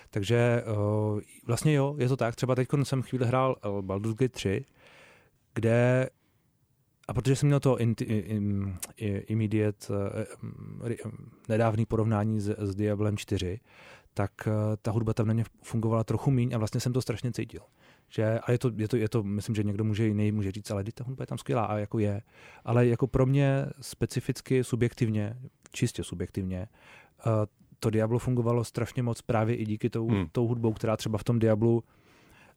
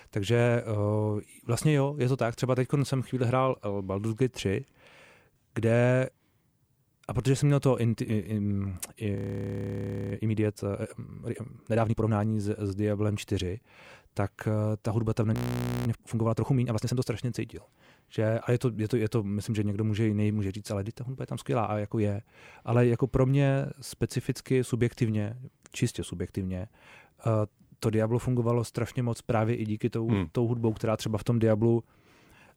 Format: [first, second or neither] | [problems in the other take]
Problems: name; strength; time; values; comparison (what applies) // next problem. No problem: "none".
first | audio freezing; at 9 s for 1 s and at 15 s for 0.5 s